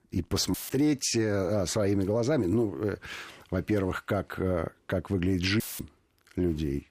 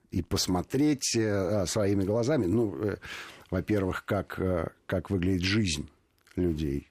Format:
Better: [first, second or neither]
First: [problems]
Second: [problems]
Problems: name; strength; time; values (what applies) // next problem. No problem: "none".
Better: second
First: audio cutting out; filled with static; at 0.5 s and at 5.5 s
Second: none